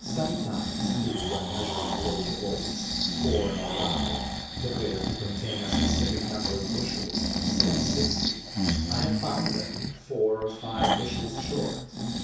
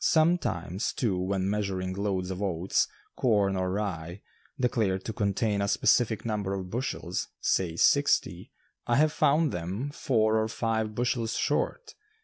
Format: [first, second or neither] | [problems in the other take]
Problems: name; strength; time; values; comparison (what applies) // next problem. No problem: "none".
second | background sound (Breathing); 4 dB above the speech // room echo; dies away in 0.6 s